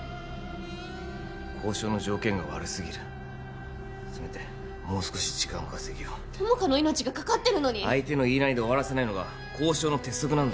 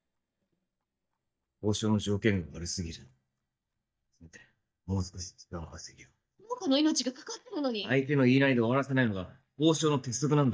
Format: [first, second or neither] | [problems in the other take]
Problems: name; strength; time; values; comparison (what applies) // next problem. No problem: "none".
first | noise reduction (neural mask model DeepFilterNet 3)